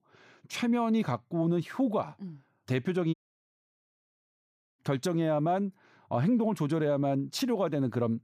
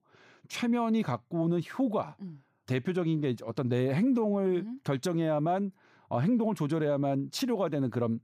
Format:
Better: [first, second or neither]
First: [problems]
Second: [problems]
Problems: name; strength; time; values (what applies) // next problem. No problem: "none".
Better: second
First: audio cutting out; at 3 s for 1.5 s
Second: none